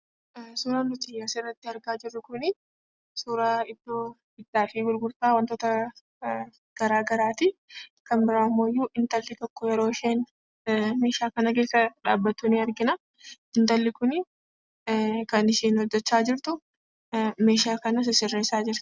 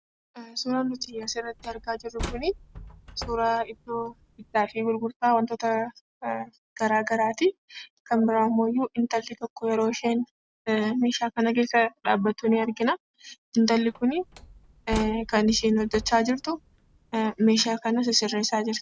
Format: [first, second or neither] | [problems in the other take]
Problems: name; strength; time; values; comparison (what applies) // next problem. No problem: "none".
first | background sound (Slam); 15 dB below the speech